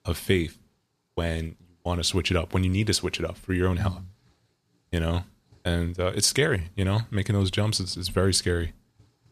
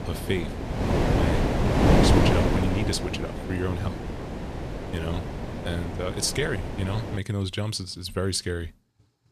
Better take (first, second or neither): first